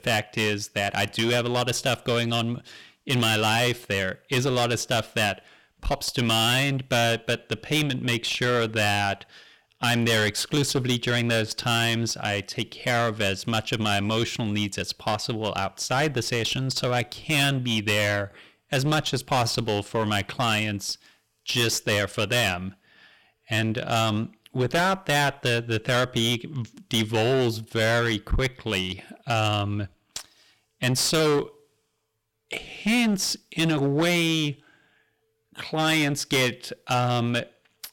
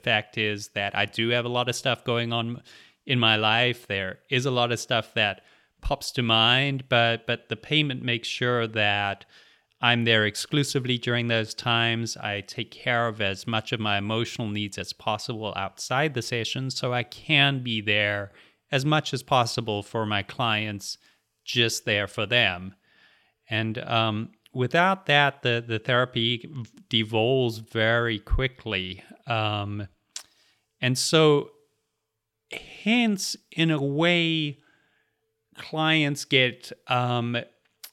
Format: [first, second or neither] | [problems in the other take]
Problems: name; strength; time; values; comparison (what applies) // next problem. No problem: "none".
second | distortion; heavy; 14% of the sound clipped